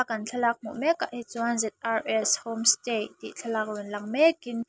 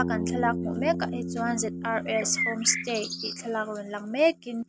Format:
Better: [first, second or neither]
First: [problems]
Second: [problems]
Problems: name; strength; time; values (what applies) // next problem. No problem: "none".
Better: first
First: none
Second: background sound (Bass guitar + Bird); 4 dB below the speech